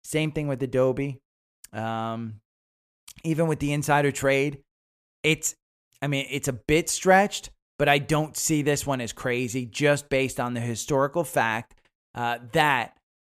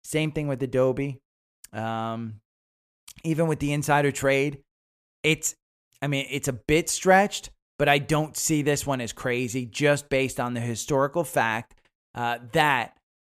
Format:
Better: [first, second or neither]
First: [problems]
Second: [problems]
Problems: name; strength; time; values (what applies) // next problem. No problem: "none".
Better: neither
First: none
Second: none